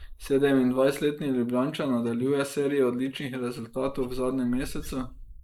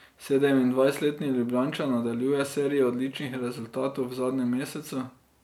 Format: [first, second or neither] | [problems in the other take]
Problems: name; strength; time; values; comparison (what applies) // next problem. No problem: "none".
second | noise reduction (neural mask model Resemble Enhance denoiser)